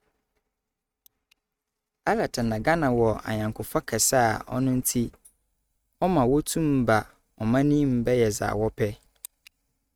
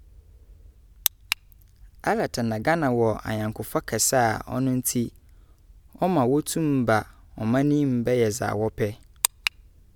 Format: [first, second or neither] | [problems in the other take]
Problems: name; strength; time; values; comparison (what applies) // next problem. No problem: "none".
second | noise reduction (neural mask model RNNoise)